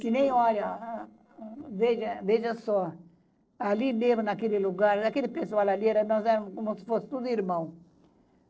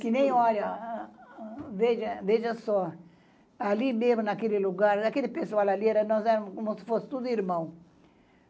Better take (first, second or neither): second